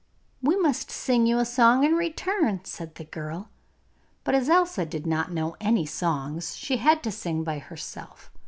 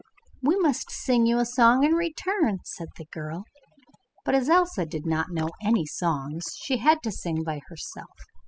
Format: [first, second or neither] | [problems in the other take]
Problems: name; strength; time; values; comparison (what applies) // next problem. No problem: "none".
first | noise reduction (classical method spectral subtraction)